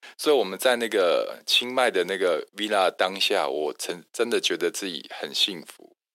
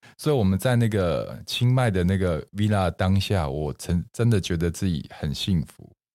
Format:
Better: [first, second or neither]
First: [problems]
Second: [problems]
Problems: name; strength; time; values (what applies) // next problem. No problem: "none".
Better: second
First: thin; very; fading below 300 Hz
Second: none